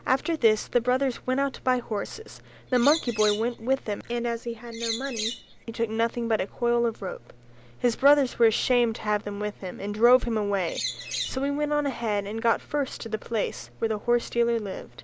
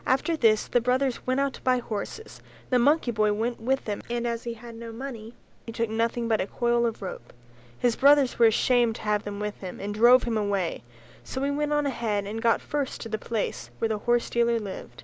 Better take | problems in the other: second | background sound (Bird); 8 dB below the speech

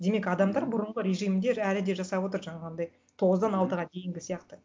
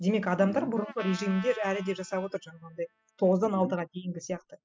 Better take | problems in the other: first | noise reduction (classical method spectral subtraction)

